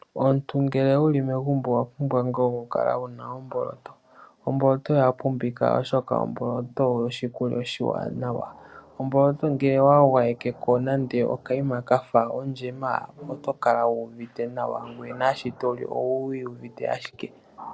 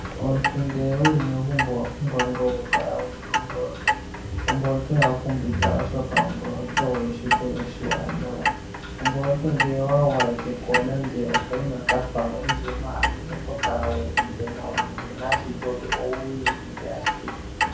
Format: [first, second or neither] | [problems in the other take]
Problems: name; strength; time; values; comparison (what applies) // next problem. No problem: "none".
first | background sound (Clock); 1 dB below the speech // room echo; dies away in 0.5 s